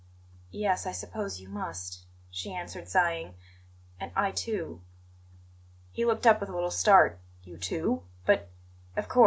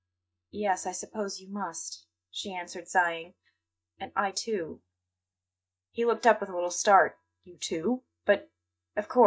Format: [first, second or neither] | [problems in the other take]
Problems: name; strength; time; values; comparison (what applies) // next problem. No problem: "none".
first | noise reduction (neural mask model DeepFilterNet 3)